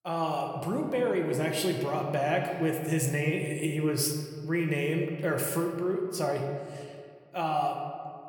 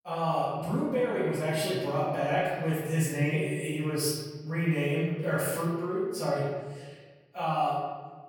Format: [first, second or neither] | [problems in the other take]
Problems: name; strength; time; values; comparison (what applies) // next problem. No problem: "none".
first | room echo; strong; dies away in 1.2 s; slight in the first // off-mic speech; far